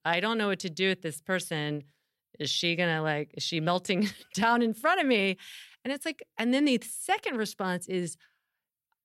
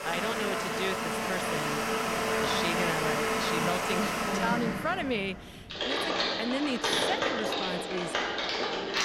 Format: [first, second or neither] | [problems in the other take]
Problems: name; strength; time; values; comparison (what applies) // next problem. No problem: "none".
first | household noises; very loud; throughout; 5 dB above the speech